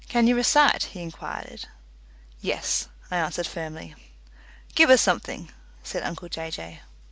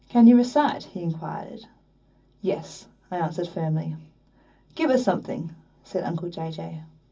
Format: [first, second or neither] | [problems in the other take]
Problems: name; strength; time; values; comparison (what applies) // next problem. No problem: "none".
first | room echo; dies away in 0.4 s